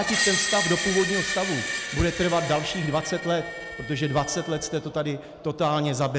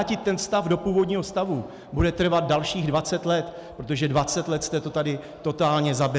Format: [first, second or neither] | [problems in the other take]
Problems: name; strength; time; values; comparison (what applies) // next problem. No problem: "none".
second | background sound (Screech); 5 dB below the speech